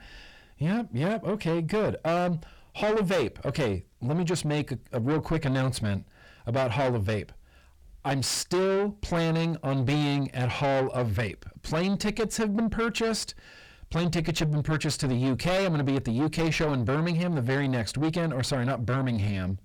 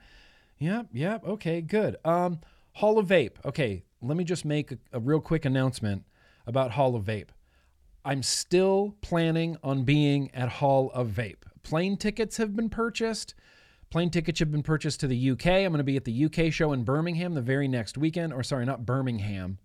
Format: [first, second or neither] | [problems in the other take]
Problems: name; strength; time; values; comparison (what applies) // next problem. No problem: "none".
second | distortion; heavy; 5 dB below the speech